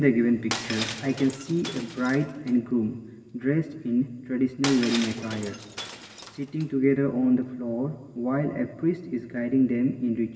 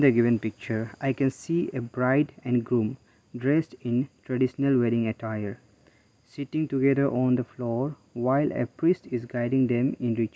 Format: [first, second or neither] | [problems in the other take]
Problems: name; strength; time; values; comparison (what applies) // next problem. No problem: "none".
second | background sound (Shatter); 11 dB below the speech // room echo; dies away in 1.7 s